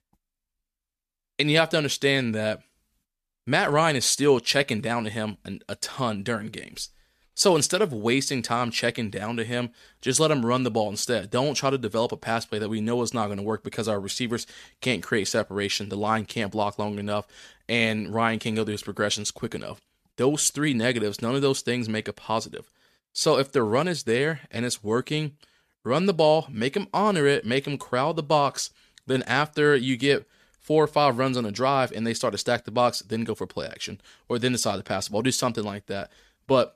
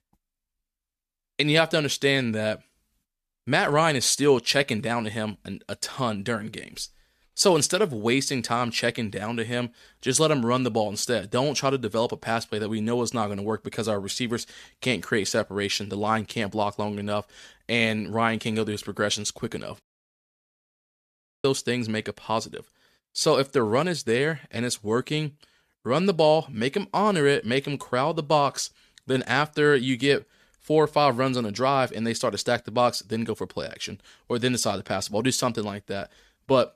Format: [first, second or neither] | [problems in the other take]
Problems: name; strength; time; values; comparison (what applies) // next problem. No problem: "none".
first | audio cutting out; at 20 s for 1.5 s